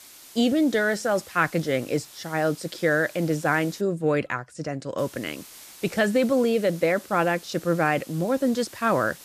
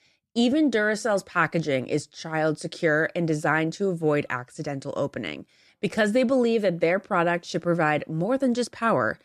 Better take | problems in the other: second | hiss; noticeable; until 4 s and from 5 s on; 20 dB below the speech

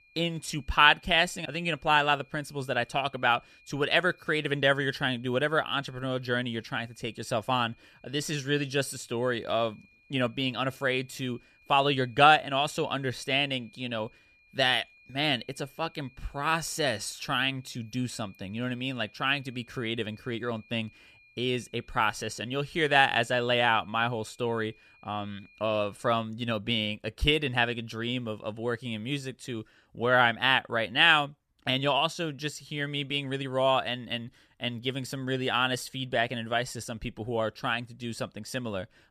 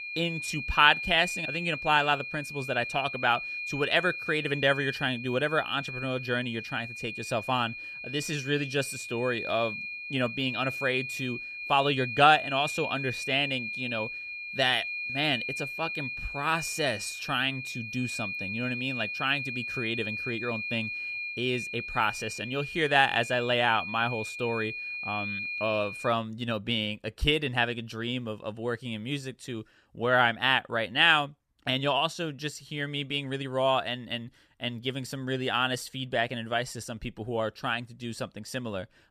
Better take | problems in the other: first | high-pitched whine; loud; until 26 s; 2.5 kHz, 6 dB below the speech; faint in the first

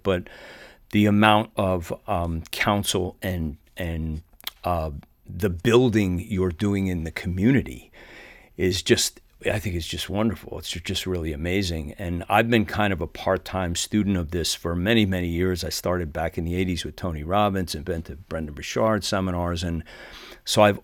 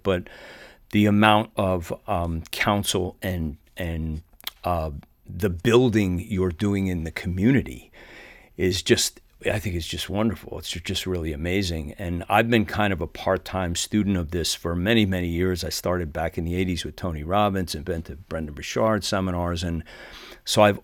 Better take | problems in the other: neither | none

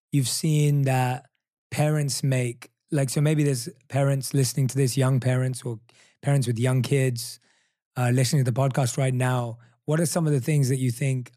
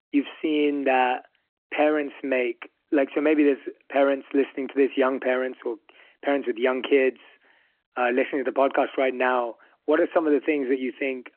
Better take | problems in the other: first | phone-call audio

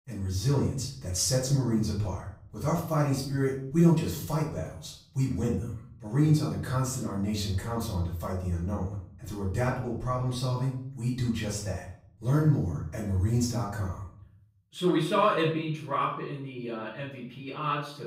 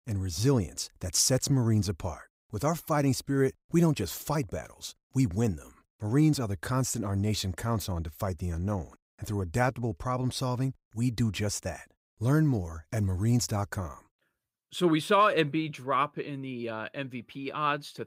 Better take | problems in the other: second | off-mic speech; far // room echo; noticeable; dies away in 0.6 s

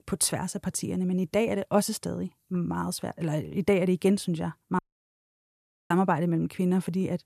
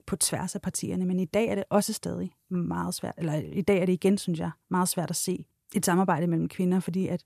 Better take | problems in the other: second | audio cutting out; at 5 s for 1 s

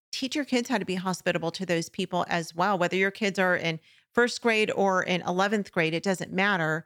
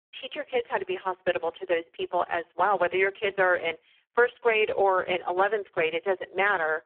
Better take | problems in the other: first | phone-call audio; poor line

